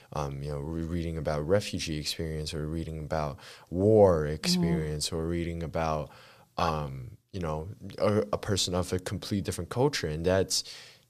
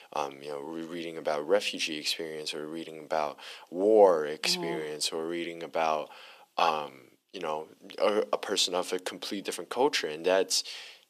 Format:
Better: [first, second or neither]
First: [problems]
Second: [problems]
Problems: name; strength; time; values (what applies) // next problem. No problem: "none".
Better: first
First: none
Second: thin; somewhat; fading below 250 Hz